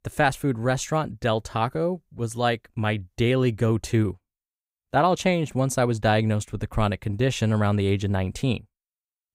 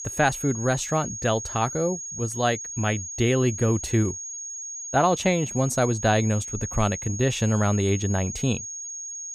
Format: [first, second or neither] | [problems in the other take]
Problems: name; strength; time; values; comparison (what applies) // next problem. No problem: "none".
first | high-pitched whine; loud; throughout; 6.5 kHz, 8 dB below the speech